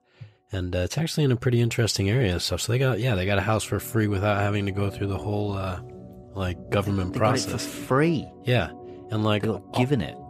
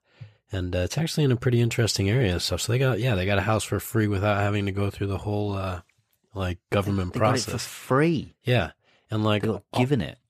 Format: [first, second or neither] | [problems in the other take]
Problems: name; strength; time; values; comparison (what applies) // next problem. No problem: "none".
second | background music; noticeable; throughout; 15 dB below the speech